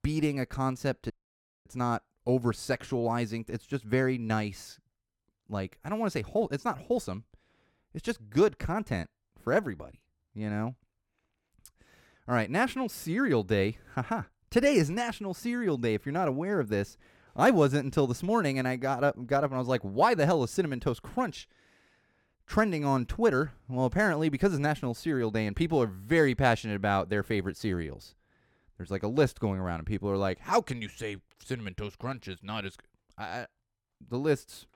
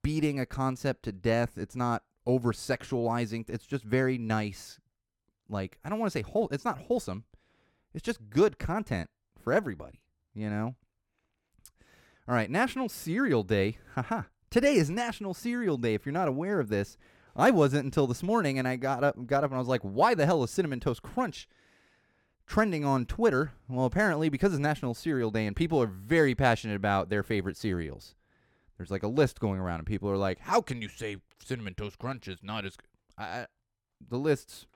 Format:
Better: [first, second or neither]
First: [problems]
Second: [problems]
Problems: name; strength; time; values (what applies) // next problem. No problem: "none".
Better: second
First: audio cutting out; at 1 s for 0.5 s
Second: none